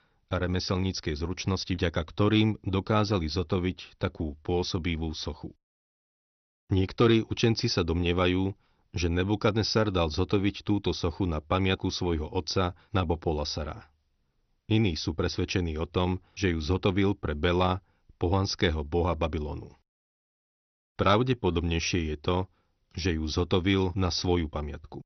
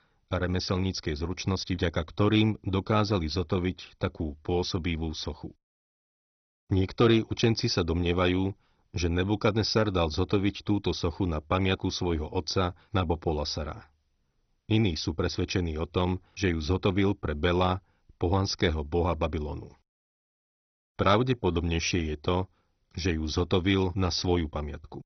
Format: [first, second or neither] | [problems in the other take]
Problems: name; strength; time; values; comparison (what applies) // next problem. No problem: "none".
first | garbled, watery; badly; nothing above 6 kHz; slightly in the first